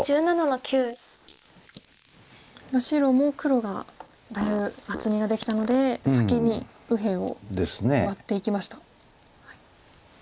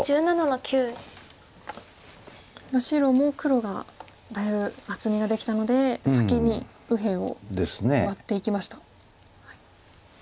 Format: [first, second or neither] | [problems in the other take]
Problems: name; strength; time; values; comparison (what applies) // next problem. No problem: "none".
second | noise reduction (neural mask model Resemble Enhance denoiser)